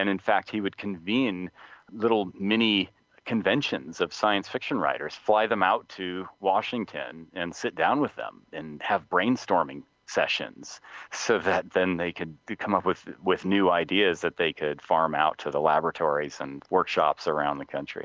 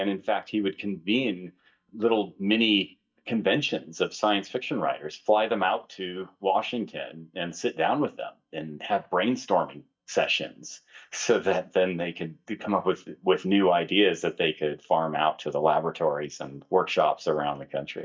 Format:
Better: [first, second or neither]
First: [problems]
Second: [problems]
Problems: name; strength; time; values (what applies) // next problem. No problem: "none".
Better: first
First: none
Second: noise reduction (neural mask model DeepFilterNet 3)